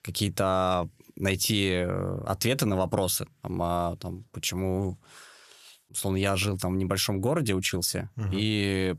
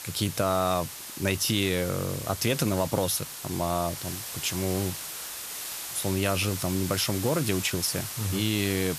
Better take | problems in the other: first | hiss; loud; throughout; 7 dB below the speech

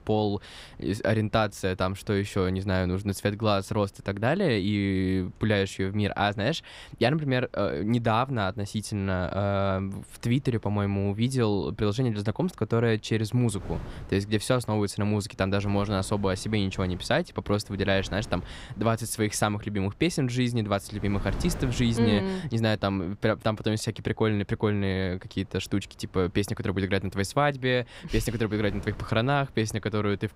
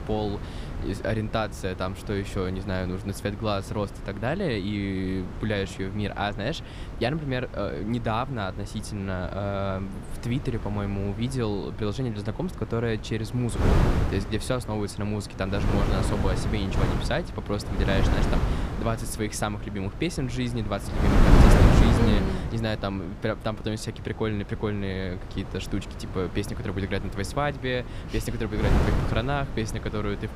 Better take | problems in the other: first | wind noise on the microphone; heavy; 2 dB below the speech; occasional gusts in the first

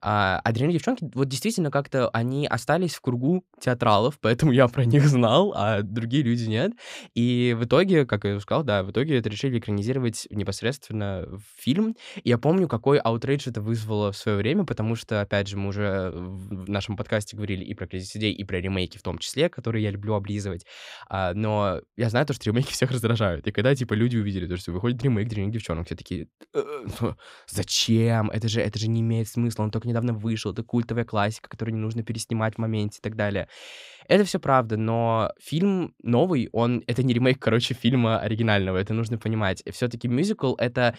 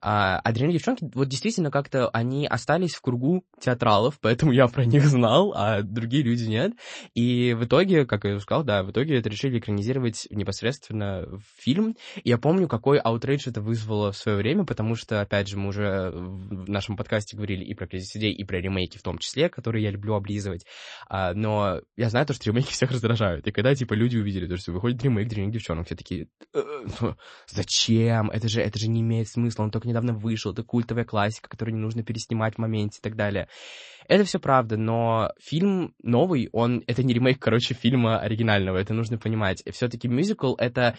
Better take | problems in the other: first | garbled, watery; slightly; nothing above 8 kHz

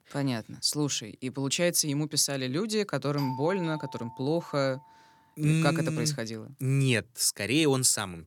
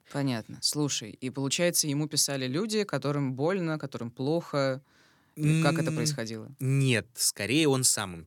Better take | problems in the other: second | doorbell; faint; from 3 to 5 s; peak 10 dB below the speech

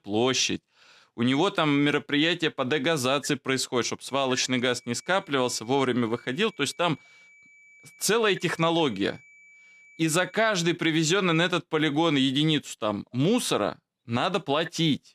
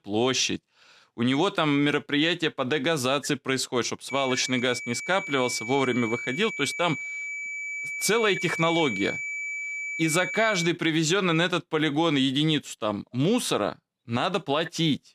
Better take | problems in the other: first | high-pitched whine; loud; from 4 to 11 s; 2.5 kHz, 6 dB below the speech; faint in the first

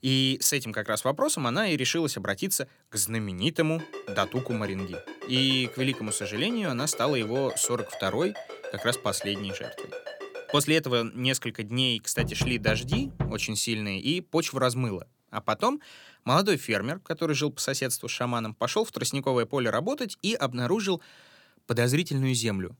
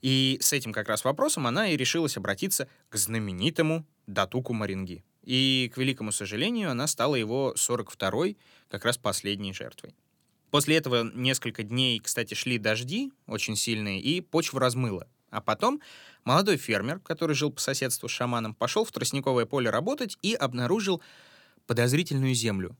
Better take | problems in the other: second | phone ringing; faint; from 4 to 11 s; peak 10 dB below the speech // door banging; noticeable; from 12 to 13 s; peak 4 dB below the speech

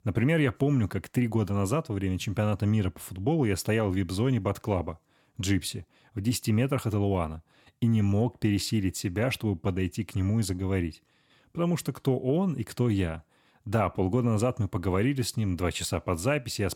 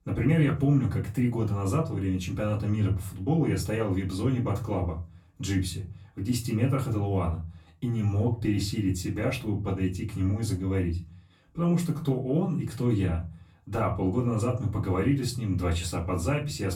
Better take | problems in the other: first | off-mic speech; far // room echo; very slight; dies away in 0.4 s

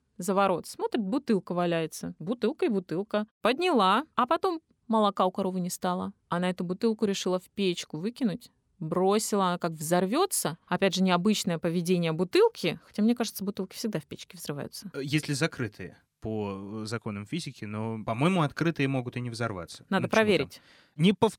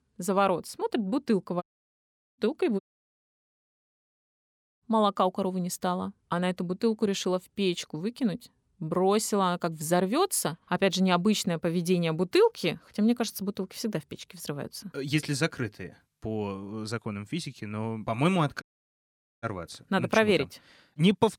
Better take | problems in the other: first | audio cutting out; at 1.5 s for 1 s, at 3 s for 2 s and at 19 s for 1 s

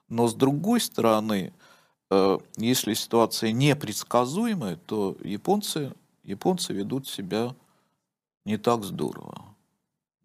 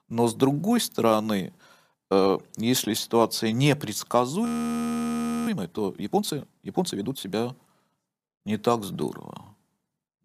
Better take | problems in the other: first | audio freezing; at 4.5 s for 1 s

